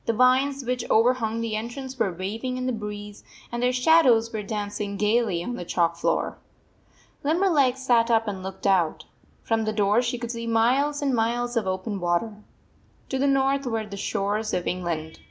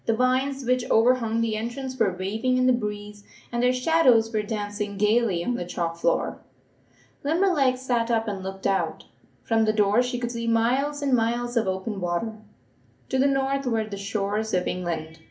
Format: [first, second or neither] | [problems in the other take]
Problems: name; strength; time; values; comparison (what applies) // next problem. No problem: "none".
first | room echo; dies away in 0.3 s